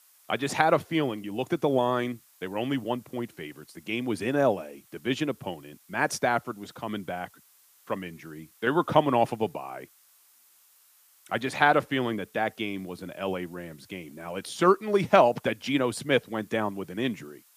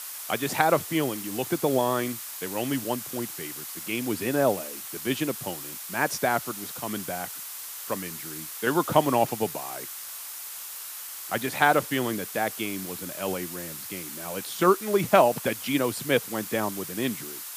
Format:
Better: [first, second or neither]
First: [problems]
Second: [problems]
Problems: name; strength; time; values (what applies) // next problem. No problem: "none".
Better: first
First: hiss; faint; throughout; 30 dB below the speech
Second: hiss; loud; throughout; 8 dB below the speech